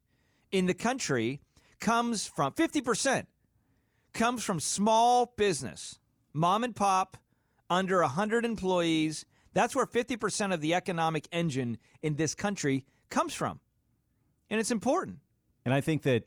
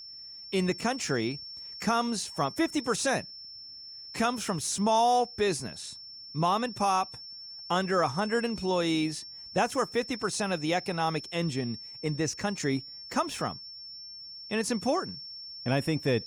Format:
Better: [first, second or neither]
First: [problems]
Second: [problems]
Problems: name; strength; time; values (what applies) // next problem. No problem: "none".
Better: first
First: none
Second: high-pitched whine; noticeable; throughout; 5.5 kHz, 10 dB below the speech